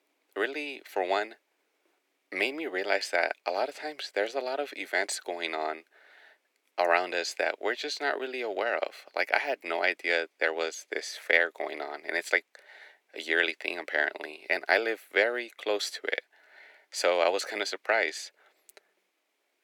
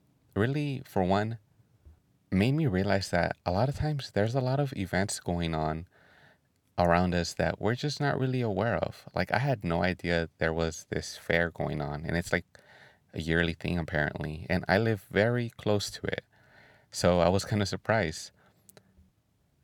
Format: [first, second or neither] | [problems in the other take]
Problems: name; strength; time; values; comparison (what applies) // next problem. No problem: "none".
second | thin; very; fading below 350 Hz